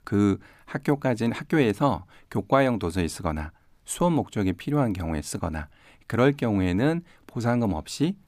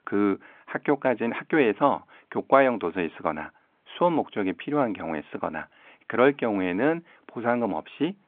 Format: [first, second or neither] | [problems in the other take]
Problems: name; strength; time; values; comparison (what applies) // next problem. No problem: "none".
first | phone-call audio